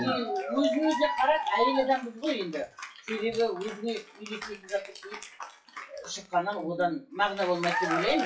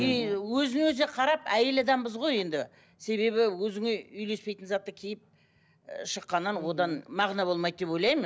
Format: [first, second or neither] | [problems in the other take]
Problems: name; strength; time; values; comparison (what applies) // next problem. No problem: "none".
second | noise reduction (classical method WPE with log-MMSE)